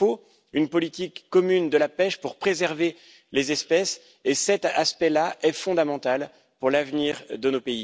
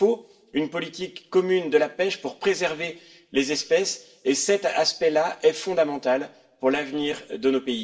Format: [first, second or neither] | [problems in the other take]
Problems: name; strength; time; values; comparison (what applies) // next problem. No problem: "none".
first | room echo; dies away in 0.4 s